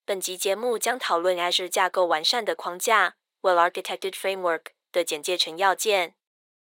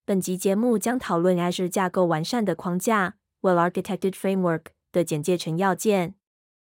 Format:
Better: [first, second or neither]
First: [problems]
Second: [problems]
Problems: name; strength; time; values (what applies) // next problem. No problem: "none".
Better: second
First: thin; very; fading below 500 Hz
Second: none